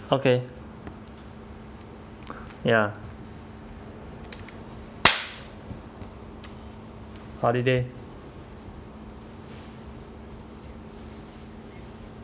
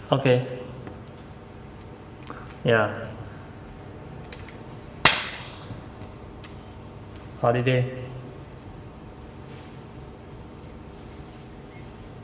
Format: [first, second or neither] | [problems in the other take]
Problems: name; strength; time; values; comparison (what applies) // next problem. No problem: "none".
first | room echo; dies away in 3 s